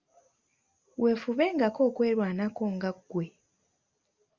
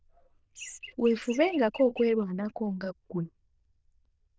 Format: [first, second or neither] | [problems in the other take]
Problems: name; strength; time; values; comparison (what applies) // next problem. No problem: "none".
first | noise reduction (neural diffusion model UNIVERSE++)